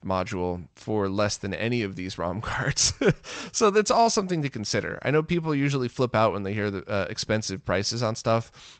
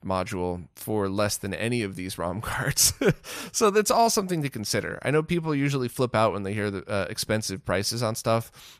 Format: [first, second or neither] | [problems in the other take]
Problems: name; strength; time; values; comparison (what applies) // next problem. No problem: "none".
second | garbled, watery; slightly; nothing above 7.5 kHz